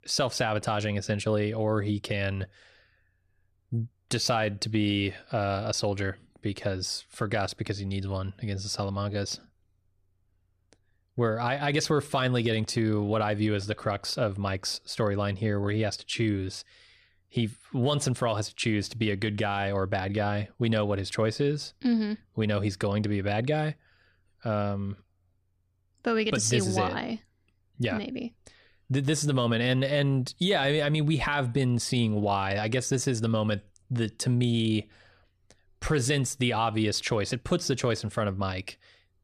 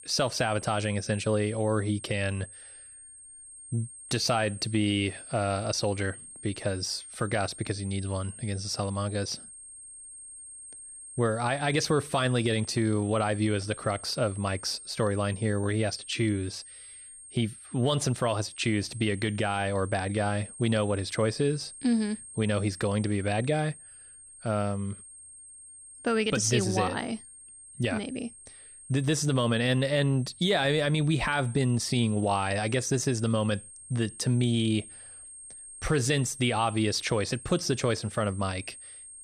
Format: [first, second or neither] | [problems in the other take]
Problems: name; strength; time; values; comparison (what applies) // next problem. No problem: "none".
first | high-pitched whine; noticeable; throughout; 8.5 kHz, 15 dB below the speech